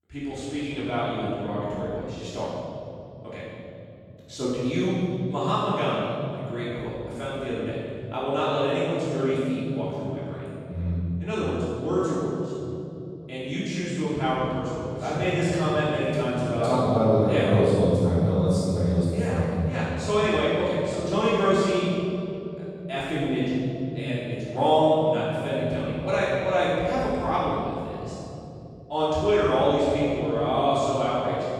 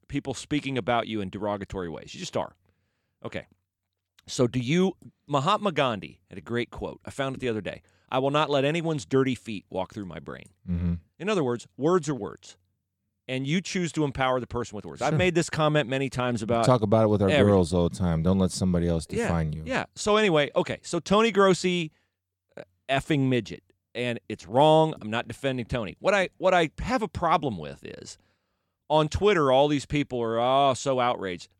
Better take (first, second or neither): second